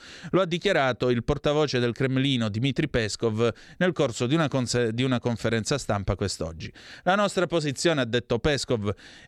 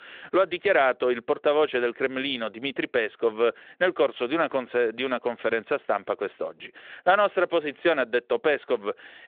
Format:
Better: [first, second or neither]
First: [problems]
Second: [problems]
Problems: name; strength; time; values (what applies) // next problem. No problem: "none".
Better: first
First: none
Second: phone-call audio; nothing above 3.5 kHz